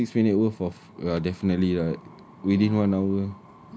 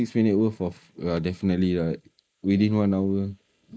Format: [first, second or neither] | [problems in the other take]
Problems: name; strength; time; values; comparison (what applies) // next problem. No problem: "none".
first | noise reduction (neural mask model Resemble Enhance denoiser)